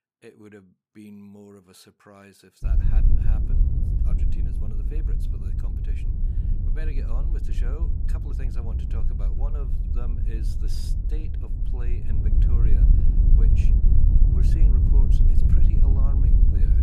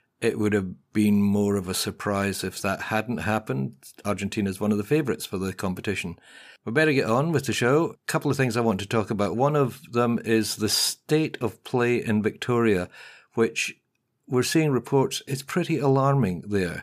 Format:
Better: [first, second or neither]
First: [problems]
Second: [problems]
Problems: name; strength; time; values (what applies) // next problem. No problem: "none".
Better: second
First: wind noise on the microphone; heavy; from 2.5 s on; 5 dB above the speech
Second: none